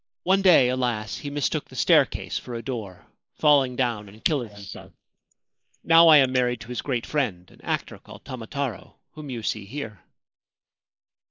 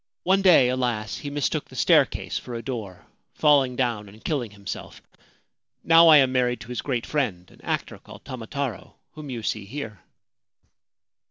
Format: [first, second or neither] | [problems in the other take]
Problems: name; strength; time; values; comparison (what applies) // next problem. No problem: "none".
second | noise reduction (neural mask model Resemble Enhance denoiser)